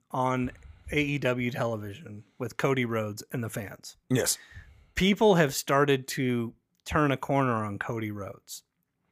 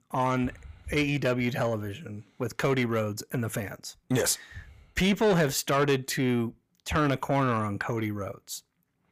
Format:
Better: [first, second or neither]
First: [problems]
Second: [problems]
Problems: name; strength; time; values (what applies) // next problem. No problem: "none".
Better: first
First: none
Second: distortion; slight; 10 dB below the speech